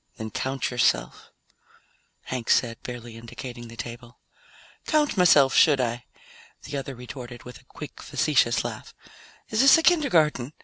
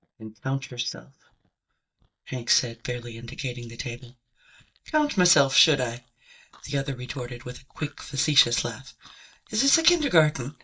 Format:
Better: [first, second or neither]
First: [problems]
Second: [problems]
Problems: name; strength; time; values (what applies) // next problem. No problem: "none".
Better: first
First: none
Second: noise reduction (neural mask model DeepFilterNet 3)